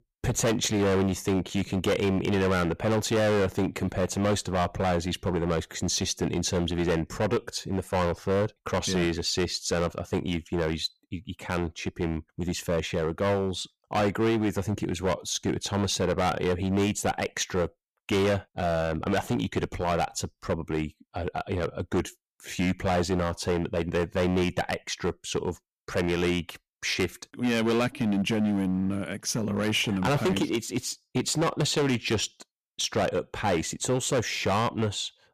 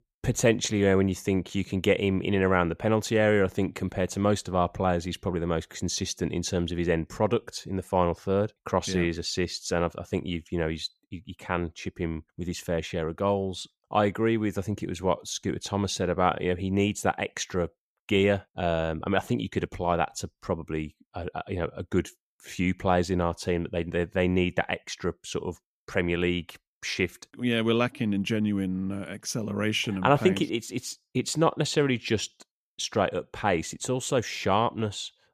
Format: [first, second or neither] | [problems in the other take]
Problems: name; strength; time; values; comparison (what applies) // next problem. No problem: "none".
second | distortion; heavy; 12% of the sound clipped